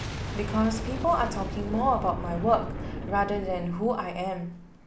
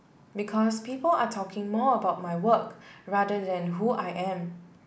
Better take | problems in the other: second | background sound (Boom); 6 dB below the speech

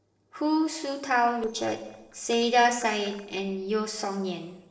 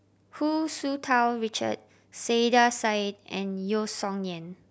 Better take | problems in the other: second | noise reduction (neural separator model SepFormer DNS4)

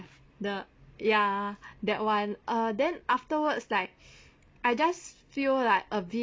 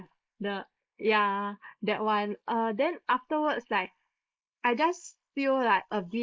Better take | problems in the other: first | noise reduction (neural mask model Resemble Enhance denoiser)

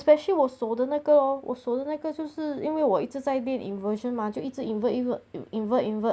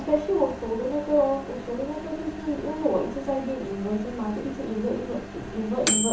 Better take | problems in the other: first | background sound (Microwave oven); 6 dB below the speech // room echo; dies away in 0.7 s

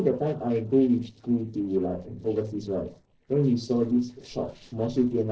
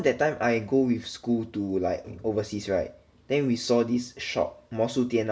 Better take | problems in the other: second | noise reduction (neural separator model SepFormer DNS4)

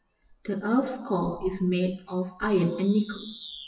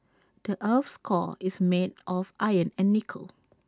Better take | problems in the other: second | noise reduction (classical method WPE with log-MMSE)

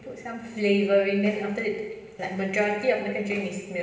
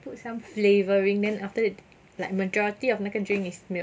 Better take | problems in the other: second | room echo; dies away in 1.2 s

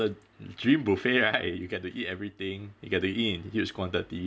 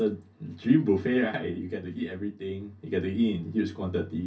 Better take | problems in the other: first | room echo; dies away in 0.3 s

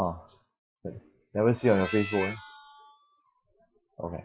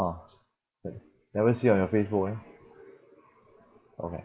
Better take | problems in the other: second | noise reduction (classical method Wiener filter)

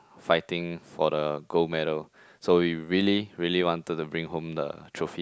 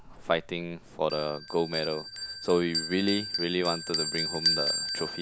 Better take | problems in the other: first | background sound (Bell); 3 dB below the speech

